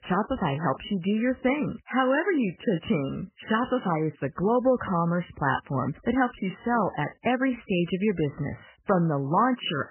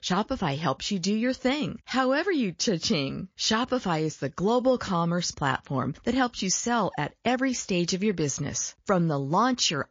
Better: second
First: garbled, watery; badly; nothing above 3 kHz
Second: garbled, watery; slightly; nothing above 6.5 kHz

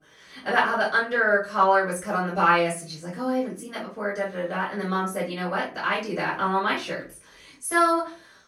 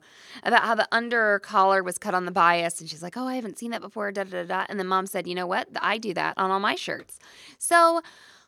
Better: second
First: off-mic speech; far // room echo; slight; dies away in 0.3 s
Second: none

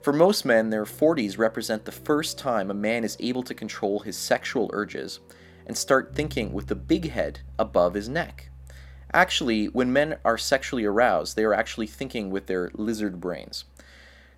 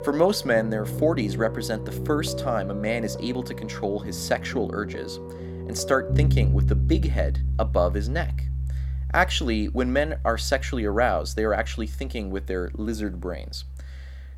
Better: first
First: background music; faint; throughout; 20 dB below the speech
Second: background music; loud; throughout; 3 dB below the speech

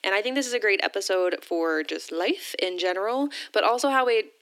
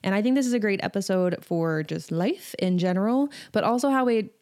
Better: second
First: thin; somewhat; fading below 300 Hz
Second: none

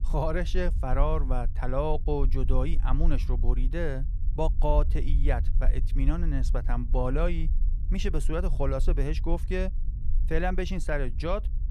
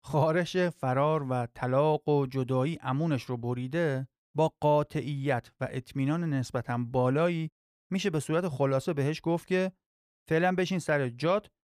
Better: second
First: low rumble; noticeable; throughout; 20 dB below the speech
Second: none

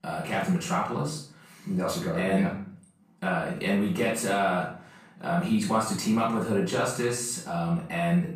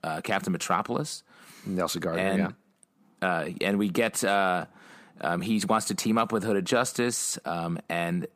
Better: second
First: off-mic speech; far // room echo; noticeable; dies away in 0.5 s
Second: none

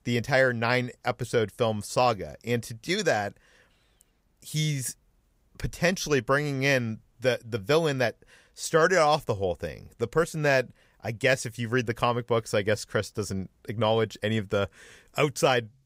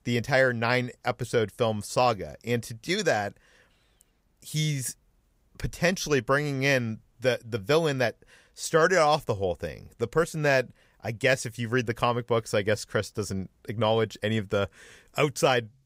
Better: neither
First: none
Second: none

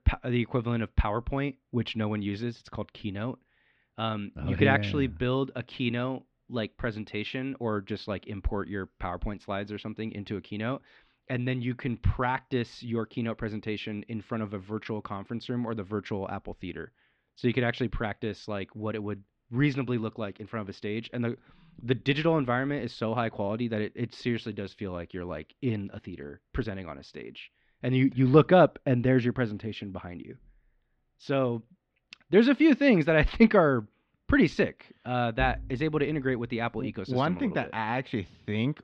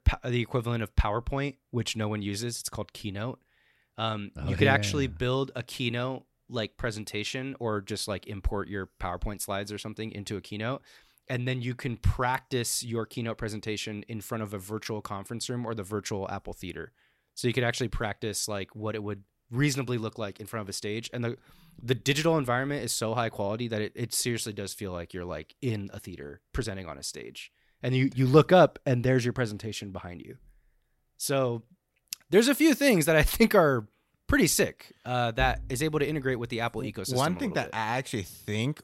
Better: second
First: muffled; slightly; fading above 3.5 kHz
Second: none

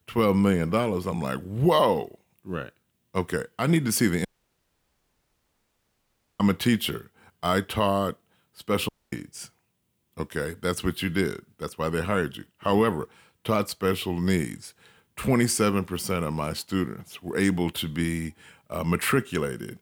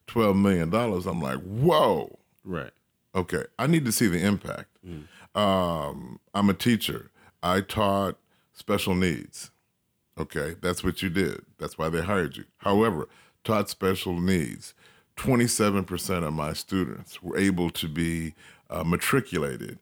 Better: second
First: audio cutting out; at 4.5 s for 2 s and at 9 s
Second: none

